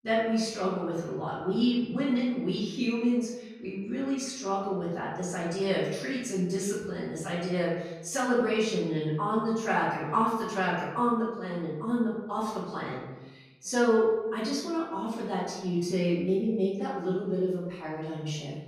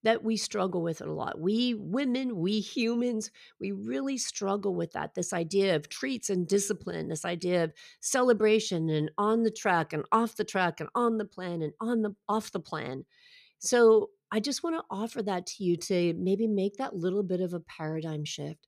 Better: second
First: off-mic speech; far // room echo; noticeable; dies away in 0.9 s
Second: none

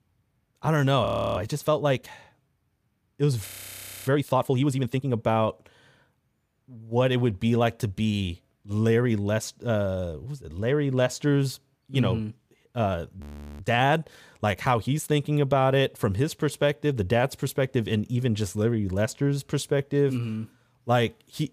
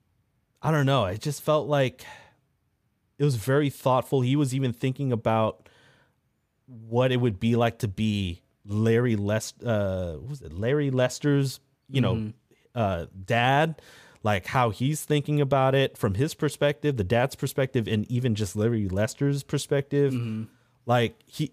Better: second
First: audio freezing; at 1 s, at 3.5 s for 0.5 s and at 13 s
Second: none

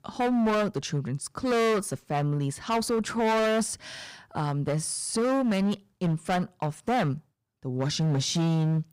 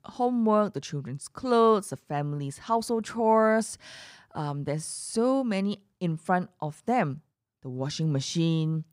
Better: second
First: distortion; heavy; 17% of the sound clipped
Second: none

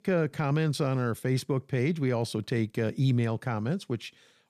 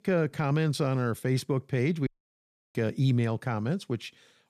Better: first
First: none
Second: audio cutting out; at 2 s for 0.5 s

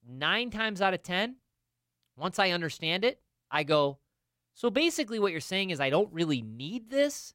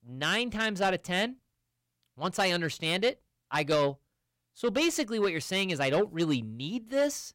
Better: first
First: none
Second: distortion; slight; 10 dB below the speech

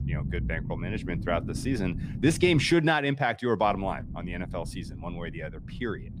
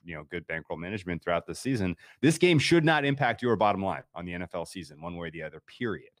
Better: second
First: low rumble; noticeable; until 2.5 s and from 3.5 s on; 15 dB below the speech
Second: none

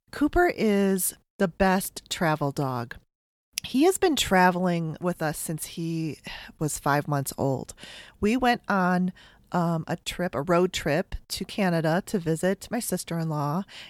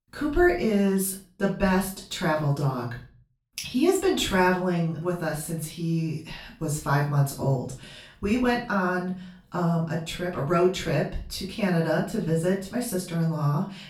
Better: first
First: none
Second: off-mic speech; far // room echo; slight; dies away in 0.4 s

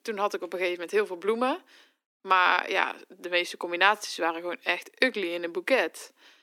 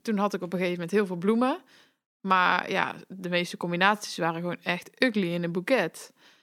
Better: second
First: thin; somewhat; fading below 300 Hz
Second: none

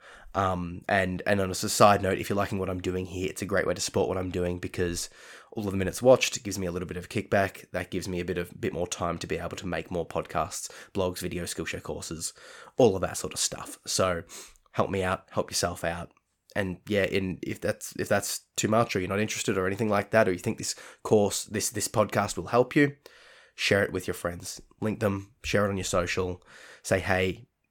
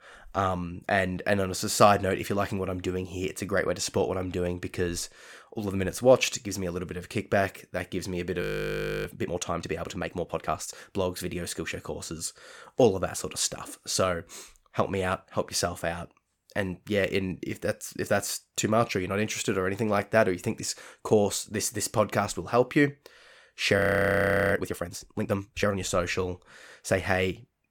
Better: first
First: none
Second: audio freezing; at 8.5 s for 0.5 s and at 24 s for 0.5 s

